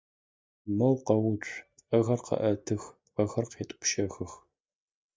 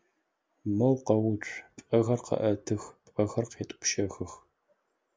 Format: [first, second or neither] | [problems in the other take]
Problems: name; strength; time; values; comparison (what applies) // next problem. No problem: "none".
second | noise reduction (neural mask model DeepFilterNet 3)